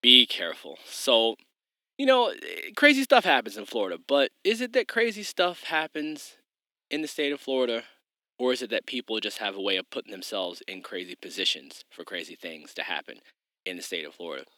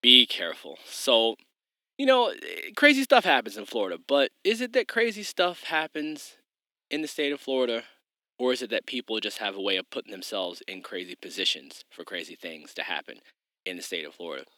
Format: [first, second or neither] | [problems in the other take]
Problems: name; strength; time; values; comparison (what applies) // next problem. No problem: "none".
neither | thin; very slightly; fading below 250 Hz; the same in both